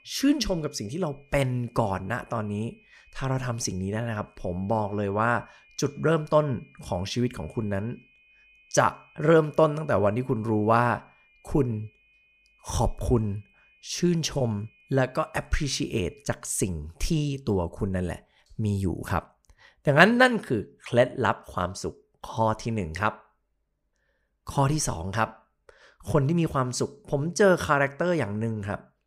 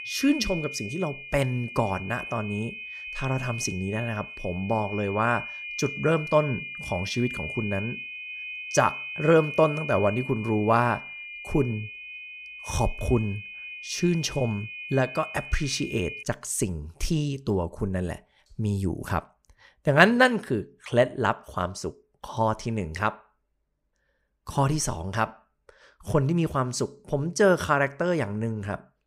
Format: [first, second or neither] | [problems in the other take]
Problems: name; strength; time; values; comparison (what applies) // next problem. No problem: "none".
first | high-pitched whine; loud; until 16 s; 2.5 kHz, 9 dB below the speech; faint in the first